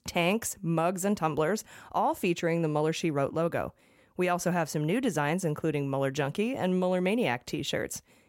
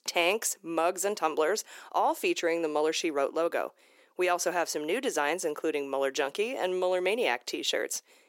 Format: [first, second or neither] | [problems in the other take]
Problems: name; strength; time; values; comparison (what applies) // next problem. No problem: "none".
first | thin; very; fading below 350 Hz